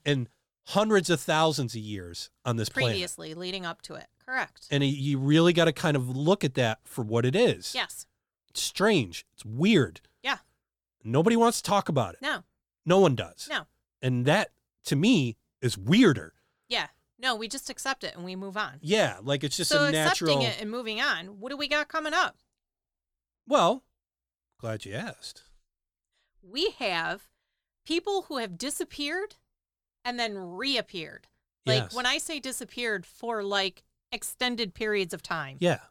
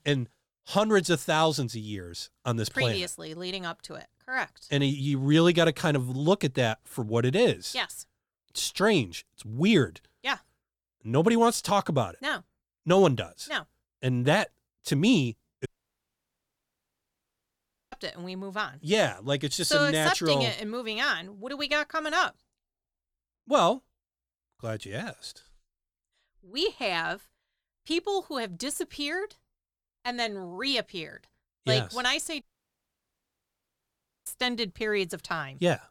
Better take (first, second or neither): first